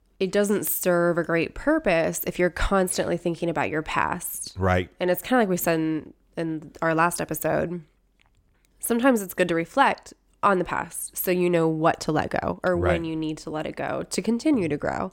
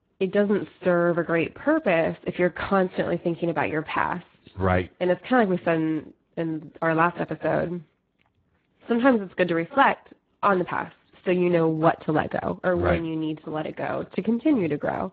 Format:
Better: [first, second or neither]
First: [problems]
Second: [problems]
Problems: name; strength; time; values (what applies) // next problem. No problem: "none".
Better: first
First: none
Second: garbled, watery; badly